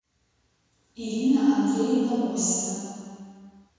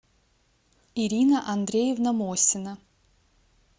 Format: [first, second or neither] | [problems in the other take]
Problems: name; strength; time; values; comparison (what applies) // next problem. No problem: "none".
second | room echo; dies away in 2.1 s